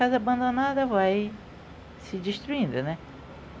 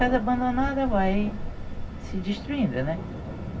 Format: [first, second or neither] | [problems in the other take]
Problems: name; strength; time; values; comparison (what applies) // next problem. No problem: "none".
first | background sound (Thunder); 5 dB below the speech // room echo; dies away in 0.4 s